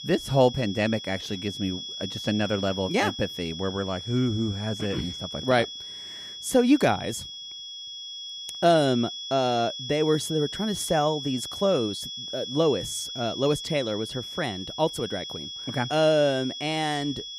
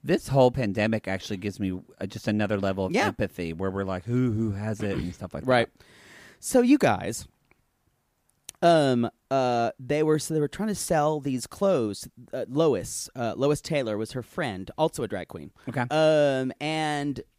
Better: second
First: high-pitched whine; loud; throughout; 3.5 kHz, 8 dB below the speech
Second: none

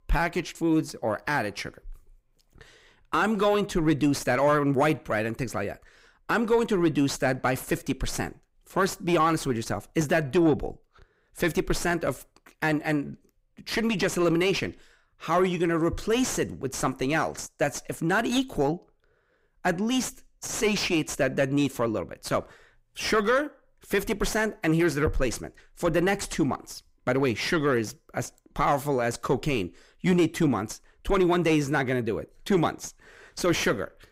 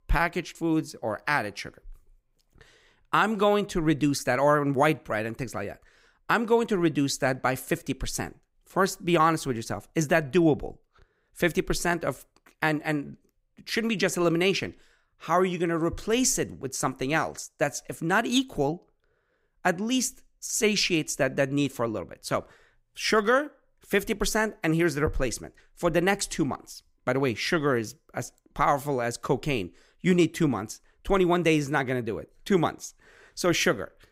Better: second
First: distortion; slight; 9 dB below the speech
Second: none

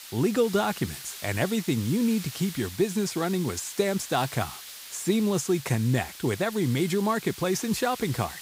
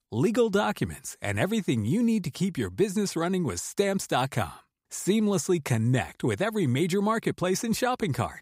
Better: second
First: hiss; noticeable; throughout; 10 dB below the speech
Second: none

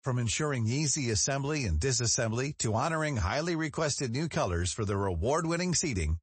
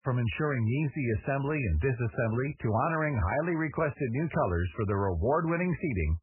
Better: first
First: garbled, watery; slightly; nothing above 8 kHz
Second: garbled, watery; badly; nothing above 2.5 kHz

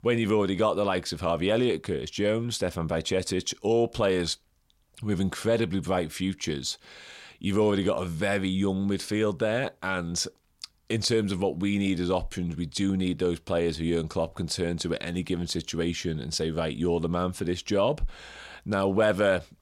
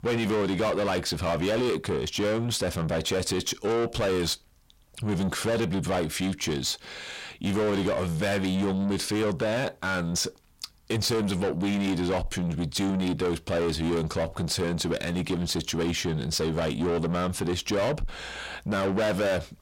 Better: first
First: none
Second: distortion; heavy; 8 dB below the speech

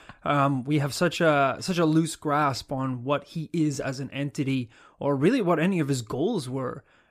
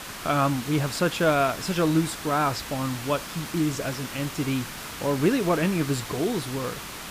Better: first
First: none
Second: hiss; loud; throughout; 9 dB below the speech

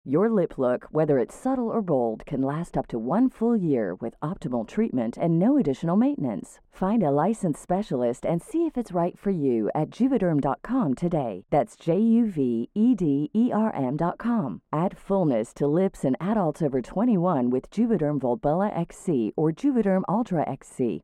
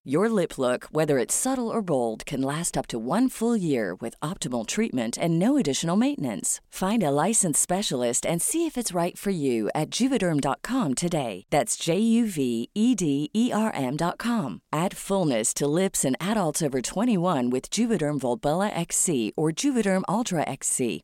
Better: second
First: muffled; very; fading above 2.5 kHz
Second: none

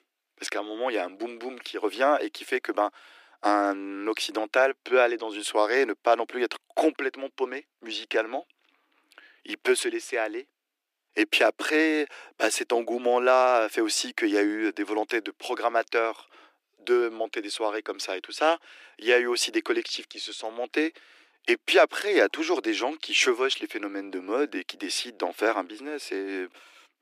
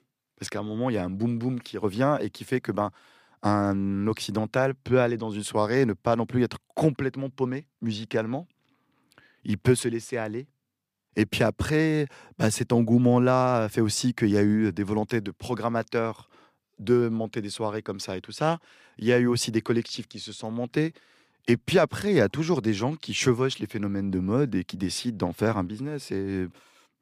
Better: second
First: thin; very; fading below 300 Hz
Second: none

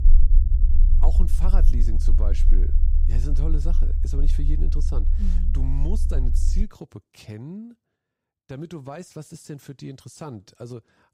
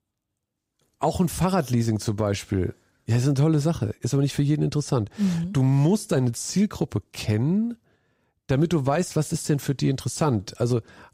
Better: second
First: low rumble; loud; until 6.5 s; 5 dB below the speech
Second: none

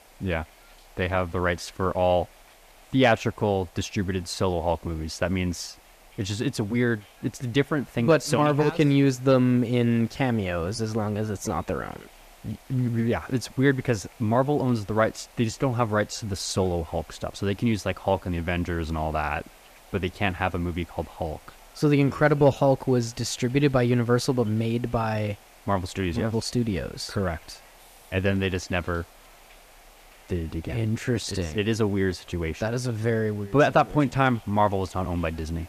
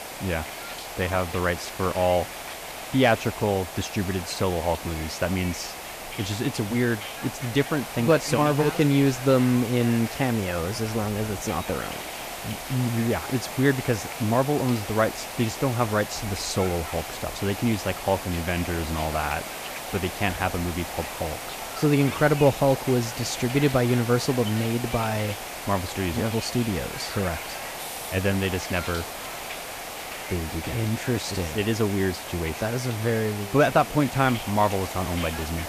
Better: first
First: hiss; faint; throughout; 25 dB below the speech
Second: hiss; loud; throughout; 8 dB below the speech

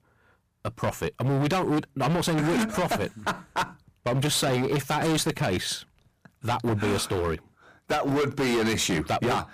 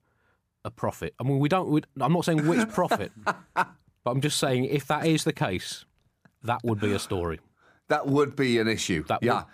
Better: second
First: distortion; heavy; 21% of the sound clipped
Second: none

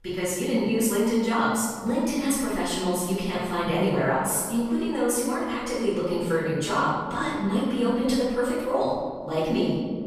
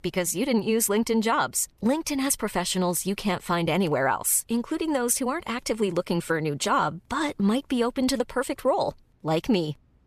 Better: second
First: off-mic speech; far // room echo; strong; dies away in 1.5 s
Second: none

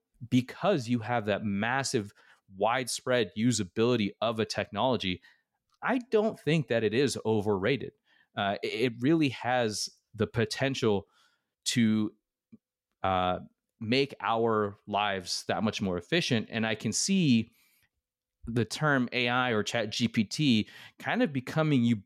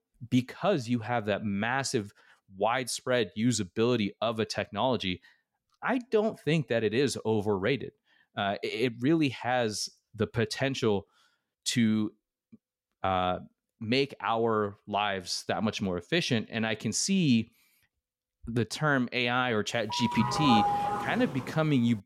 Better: first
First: none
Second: doorbell; loud; from 20 to 21 s; peak 3 dB above the speech

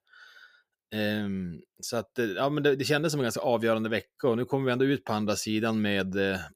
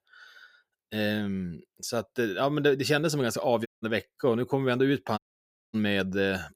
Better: first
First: none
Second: audio cutting out; at 3.5 s and at 5 s for 0.5 s

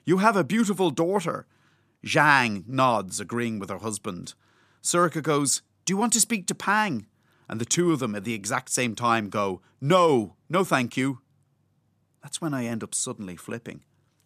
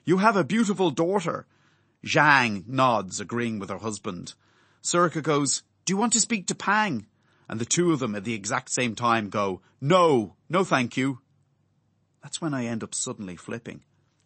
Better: first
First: none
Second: garbled, watery; slightly; nothing above 8 kHz

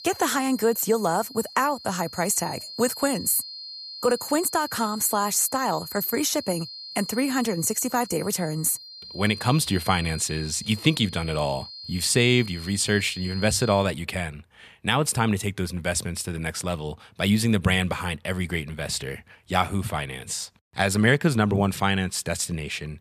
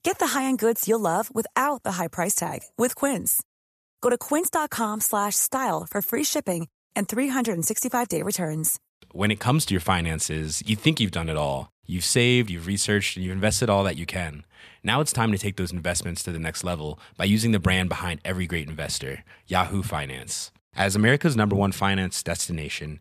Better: second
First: high-pitched whine; noticeable; until 14 s; 4 kHz, 15 dB below the speech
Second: none

